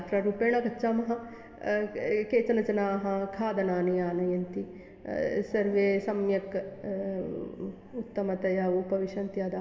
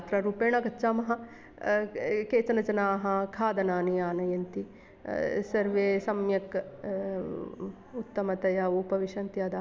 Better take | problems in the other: second | room echo; dies away in 2.1 s

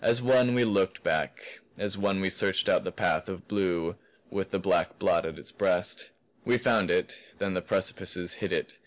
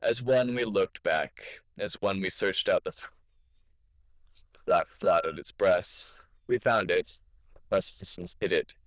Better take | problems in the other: first | noise reduction (neural diffusion model UNIVERSE++)

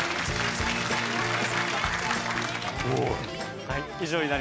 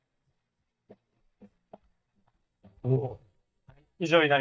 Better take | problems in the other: first | noise reduction (neural mask model DeepFilterNet 3)

